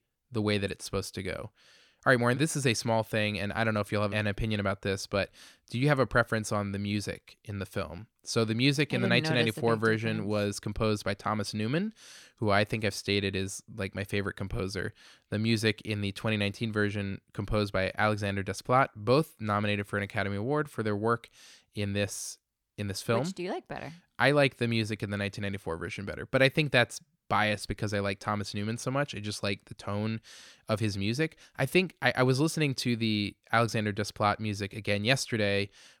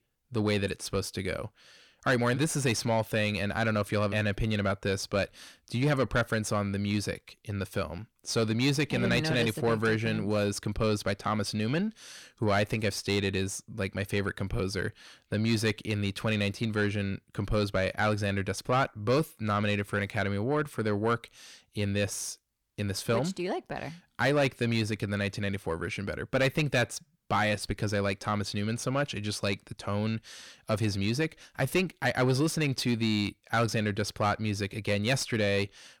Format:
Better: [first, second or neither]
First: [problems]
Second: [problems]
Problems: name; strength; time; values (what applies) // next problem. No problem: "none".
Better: first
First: none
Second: distortion; slight; 10 dB below the speech